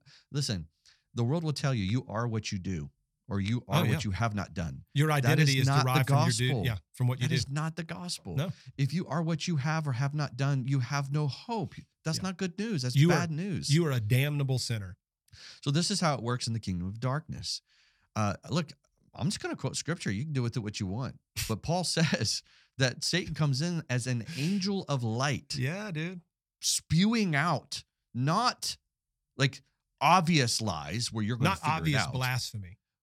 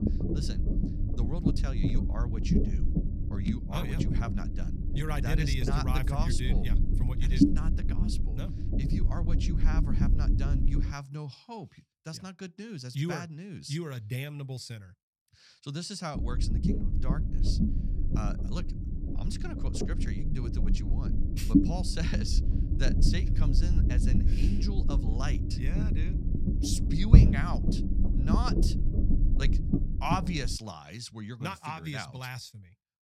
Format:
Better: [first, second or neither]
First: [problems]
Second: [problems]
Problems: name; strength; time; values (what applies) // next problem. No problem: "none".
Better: first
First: none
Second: low rumble; loud; until 11 s and from 16 to 31 s; as loud as the speech